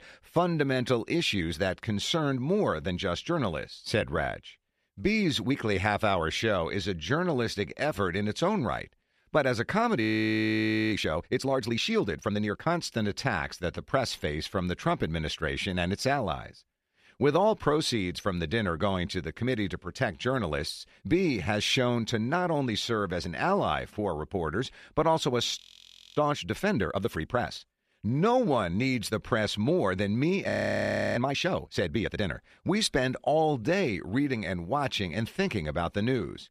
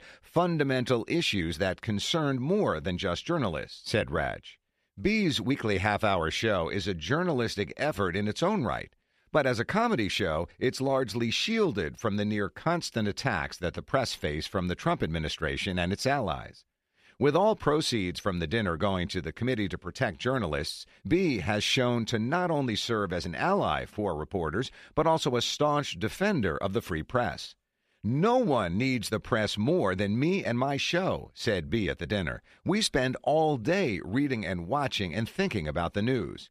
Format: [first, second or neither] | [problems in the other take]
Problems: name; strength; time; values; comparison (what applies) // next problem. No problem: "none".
second | audio freezing; at 10 s for 1 s, at 26 s for 0.5 s and at 31 s for 0.5 s